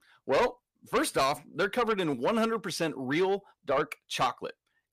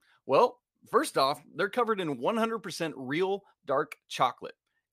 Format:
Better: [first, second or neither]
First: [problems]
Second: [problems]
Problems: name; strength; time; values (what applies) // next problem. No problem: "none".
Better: second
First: distortion; heavy; 8 dB below the speech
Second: none